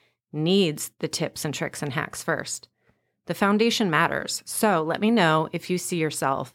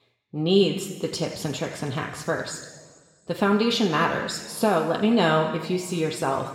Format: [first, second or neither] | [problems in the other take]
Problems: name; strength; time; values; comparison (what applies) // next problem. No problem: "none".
first | room echo; noticeable; dies away in 1.6 s // off-mic speech; somewhat distant